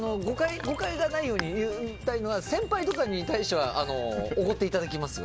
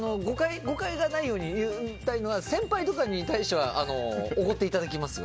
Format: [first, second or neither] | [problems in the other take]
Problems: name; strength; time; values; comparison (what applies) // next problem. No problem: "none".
second | background sound (Ocean); 15 dB below the speech